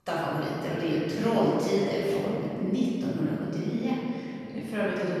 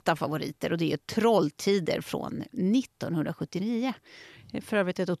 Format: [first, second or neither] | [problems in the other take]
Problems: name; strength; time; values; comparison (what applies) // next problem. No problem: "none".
second | room echo; strong; dies away in 2.7 s // off-mic speech; far